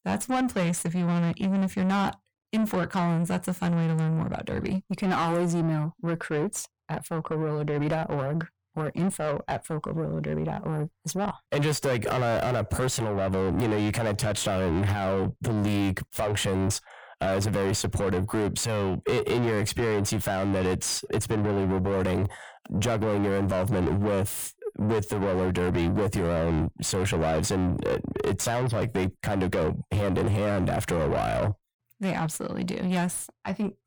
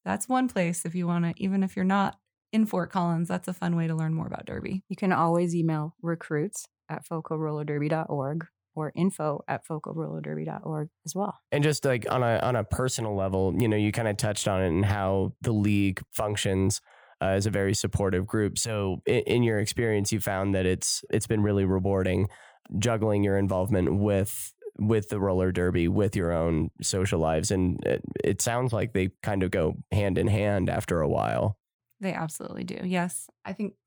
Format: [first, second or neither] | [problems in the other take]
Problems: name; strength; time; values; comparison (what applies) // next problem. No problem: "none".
second | distortion; heavy; 6 dB below the speech